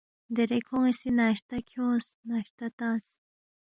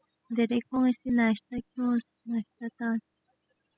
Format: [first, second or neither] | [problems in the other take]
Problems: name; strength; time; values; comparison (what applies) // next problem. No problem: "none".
first | noise reduction (classical method spectral subtraction)